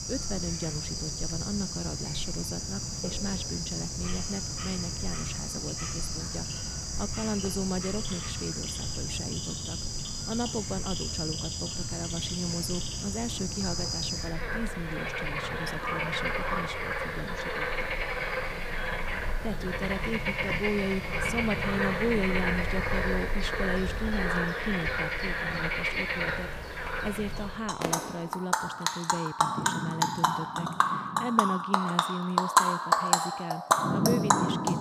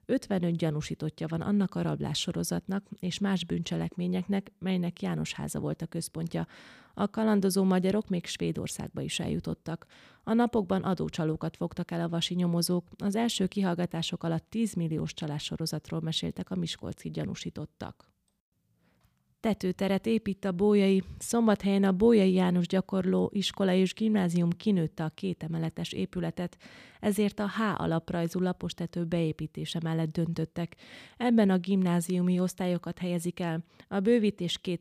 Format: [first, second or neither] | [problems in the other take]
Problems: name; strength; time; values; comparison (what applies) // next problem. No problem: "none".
second | animal sounds; very loud; throughout; 5 dB above the speech